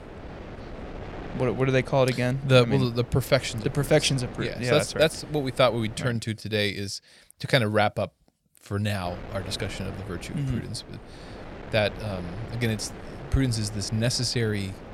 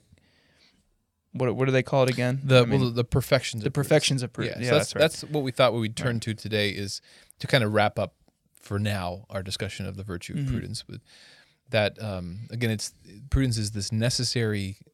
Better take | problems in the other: second | wind noise on the microphone; occasional gusts; until 6 s and from 9 s on; 15 dB below the speech

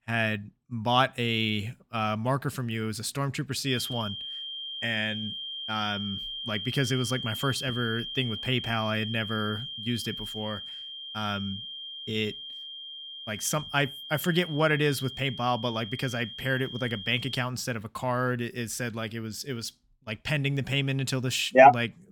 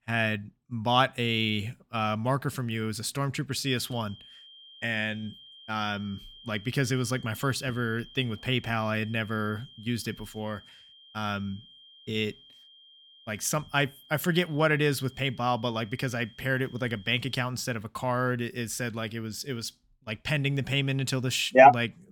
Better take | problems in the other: second | high-pitched whine; loud; from 3.5 to 17 s; 3 kHz, 8 dB below the speech; faint in the second

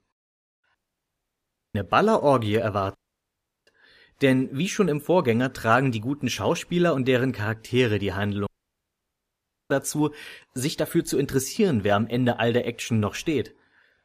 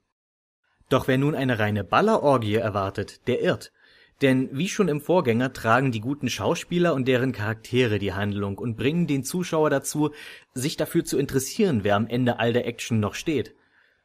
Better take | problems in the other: second | audio cutting out; at 1 s for 1 s, at 3 s for 0.5 s and at 8.5 s for 1 s

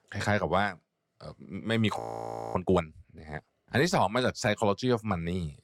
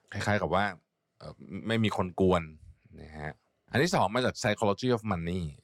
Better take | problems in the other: second | audio freezing; at 2 s for 0.5 s

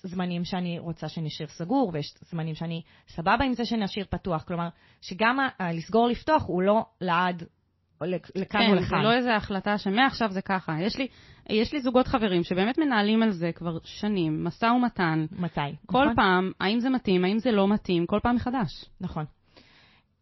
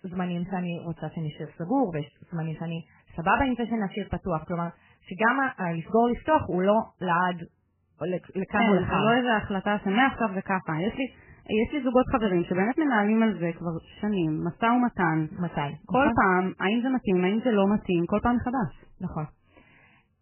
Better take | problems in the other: first | garbled, watery; badly; nothing above 3 kHz; slightly in the first

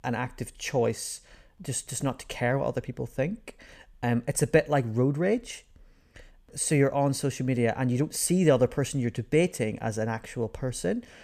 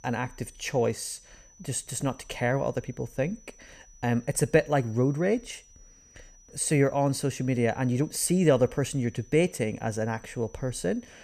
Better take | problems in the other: first | high-pitched whine; faint; throughout; 6 kHz, 25 dB below the speech

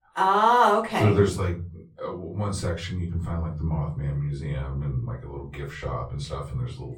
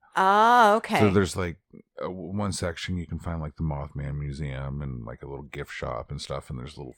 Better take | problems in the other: second | off-mic speech; far // room echo; slight; dies away in 0.4 s

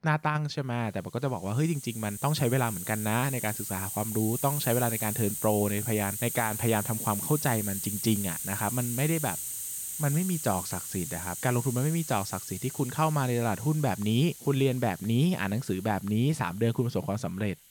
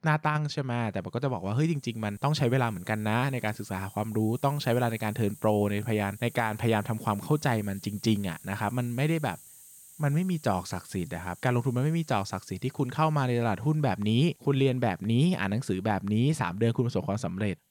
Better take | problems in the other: second | hiss; loud; throughout; 5 dB below the speech; faint in the second

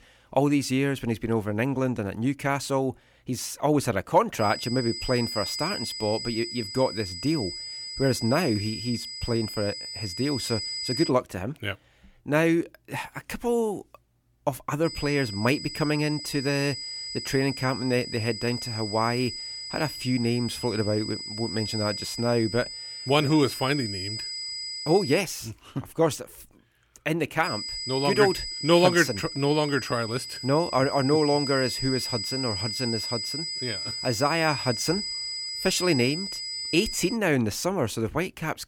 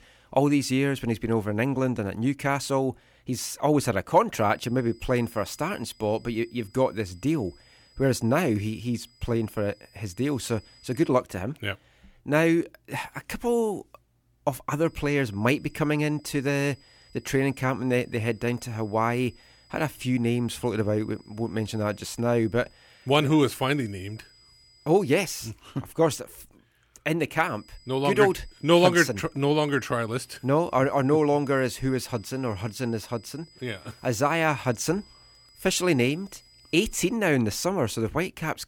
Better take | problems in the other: second | high-pitched whine; loud; from 4.5 to 11 s, from 15 to 25 s and from 27 to 37 s; 5 kHz, 6 dB below the speech; faint in the second

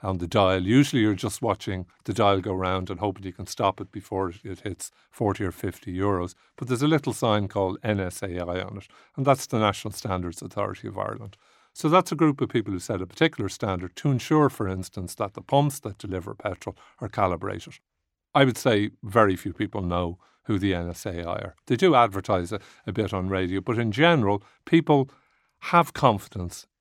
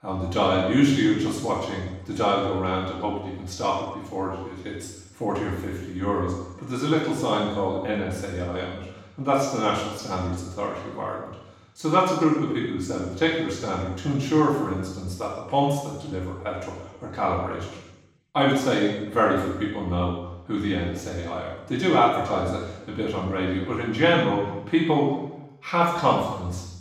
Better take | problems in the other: first | room echo; strong; dies away in 0.9 s // off-mic speech; far

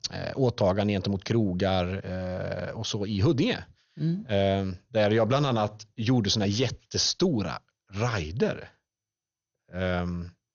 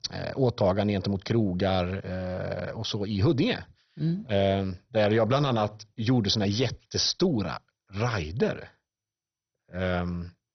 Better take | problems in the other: first | garbled, watery; badly; nothing above 6 kHz; slightly in the first

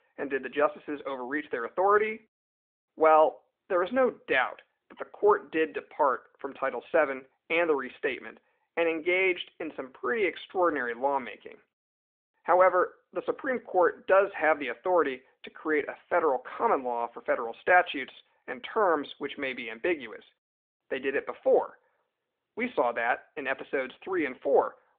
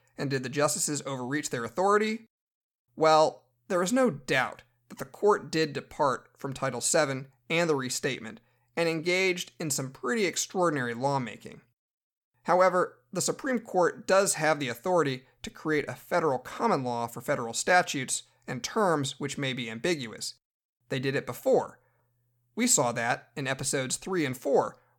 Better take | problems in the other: second | phone-call audio

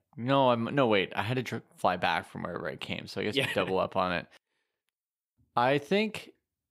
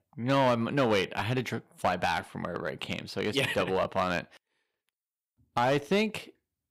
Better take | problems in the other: first | distortion; slight; 3% of the sound clipped

